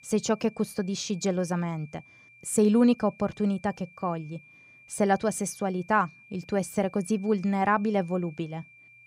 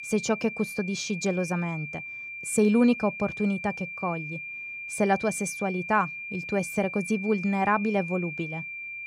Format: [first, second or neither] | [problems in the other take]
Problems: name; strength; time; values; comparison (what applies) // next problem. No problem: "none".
first | high-pitched whine; loud; throughout; 2.5 kHz, 8 dB below the speech; faint in the first